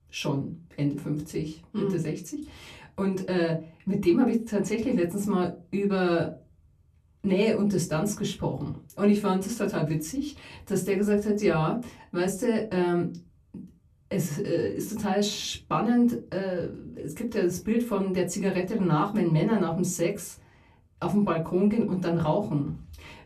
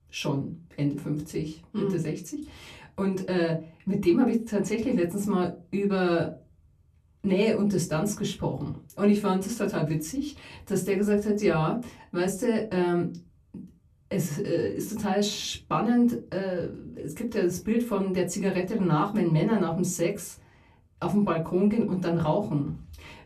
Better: neither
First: off-mic speech; far // room echo; very slight; dies away in 0.2 s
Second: off-mic speech; far // room echo; very slight; dies away in 0.2 s

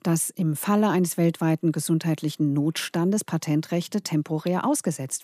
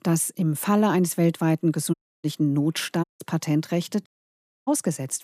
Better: first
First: none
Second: audio cutting out; at 2 s, at 3 s and at 4 s for 0.5 s

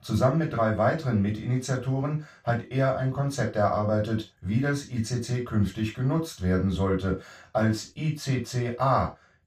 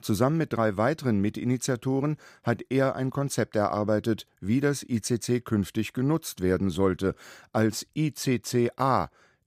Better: second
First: room echo; slight; dies away in 0.2 s // off-mic speech; far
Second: none

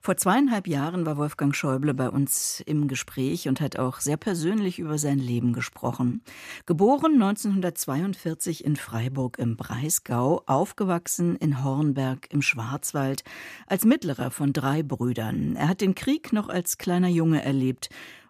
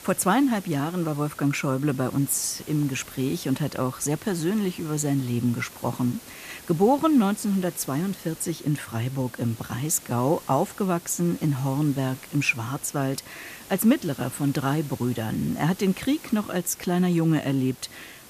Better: first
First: none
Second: hiss; noticeable; throughout; 20 dB below the speech

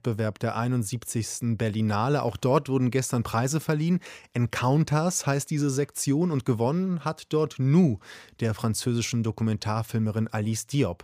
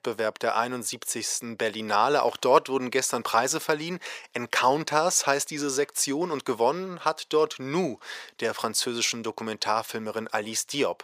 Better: first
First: none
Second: thin; very; fading below 500 Hz

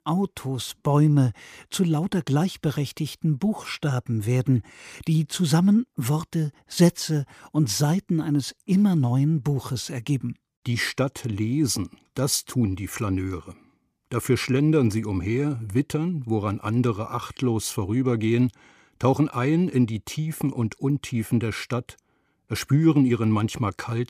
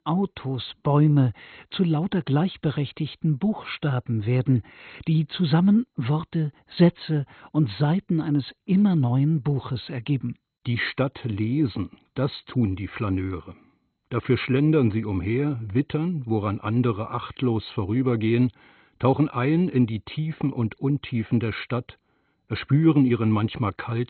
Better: first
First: none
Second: garbled, watery; badly; nothing above 4 kHz

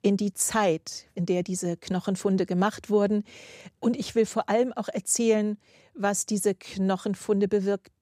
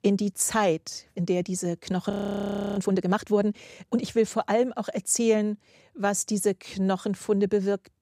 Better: first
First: none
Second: audio freezing; at 2 s for 0.5 s

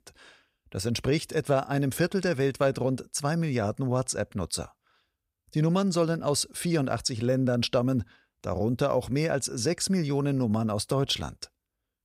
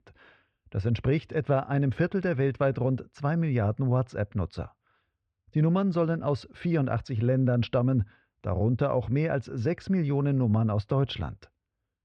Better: first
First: none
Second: muffled; very; fading above 2.5 kHz

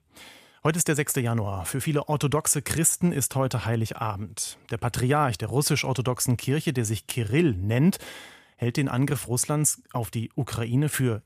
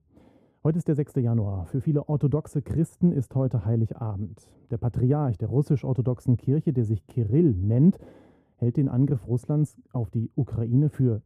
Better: first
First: none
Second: muffled; very; fading above 1 kHz

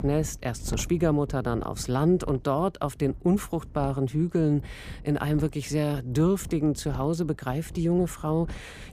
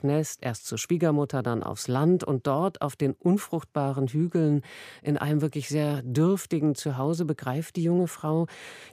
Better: second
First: wind noise on the microphone; occasional gusts; 20 dB below the speech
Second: none

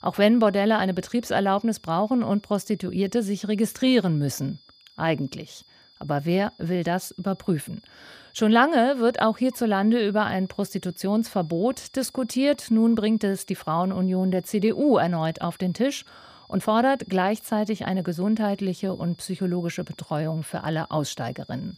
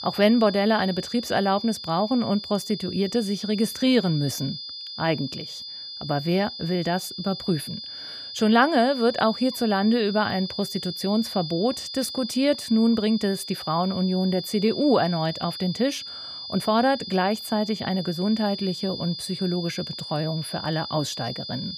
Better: first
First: high-pitched whine; faint; throughout; 5 kHz, 30 dB below the speech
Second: high-pitched whine; loud; throughout; 5 kHz, 9 dB below the speech

